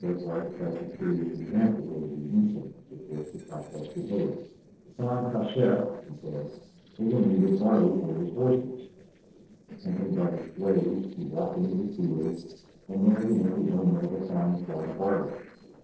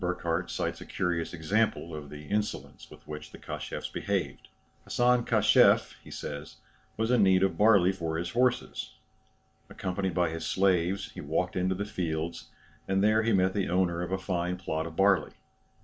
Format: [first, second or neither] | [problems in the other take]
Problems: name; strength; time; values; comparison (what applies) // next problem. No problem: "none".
second | noise reduction (neural separator model SepFormer DNS4)